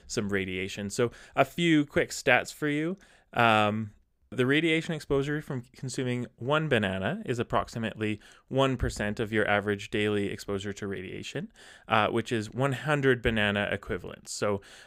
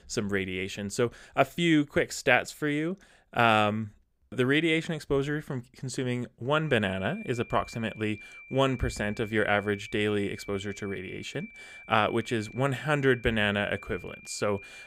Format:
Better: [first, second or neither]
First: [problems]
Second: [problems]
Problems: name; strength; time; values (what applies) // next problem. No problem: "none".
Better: first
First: none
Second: high-pitched whine; noticeable; from 6.5 s on; 2.5 kHz, 15 dB below the speech